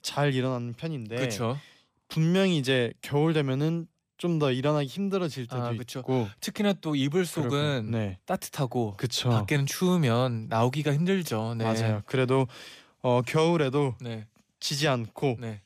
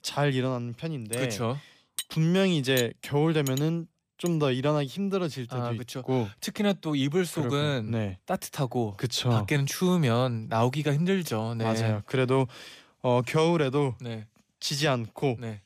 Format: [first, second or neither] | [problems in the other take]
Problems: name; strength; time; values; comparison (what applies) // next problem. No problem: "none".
first | clattering dishes; noticeable; from 1 to 4.5 s; peak 8 dB below the speech